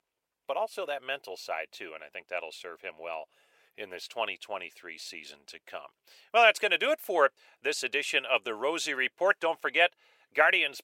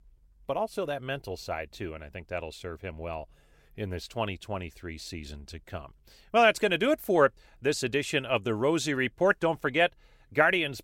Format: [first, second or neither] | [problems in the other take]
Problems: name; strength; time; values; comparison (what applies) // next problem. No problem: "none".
second | thin; very; fading below 600 Hz